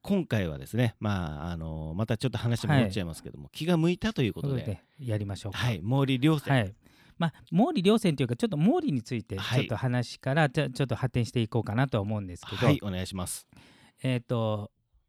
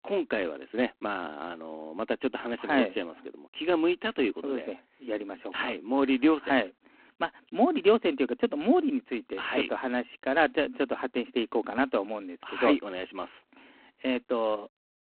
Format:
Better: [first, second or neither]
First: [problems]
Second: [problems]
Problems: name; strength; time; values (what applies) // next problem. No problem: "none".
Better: first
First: none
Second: phone-call audio; poor line